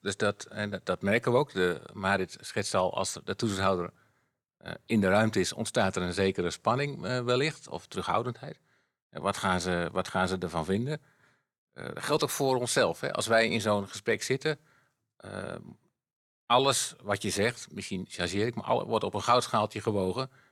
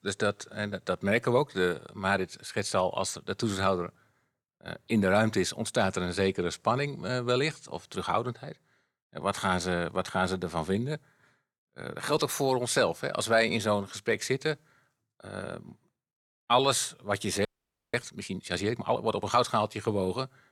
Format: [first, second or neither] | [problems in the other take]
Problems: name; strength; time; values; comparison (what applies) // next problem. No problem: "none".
first | audio freezing; at 17 s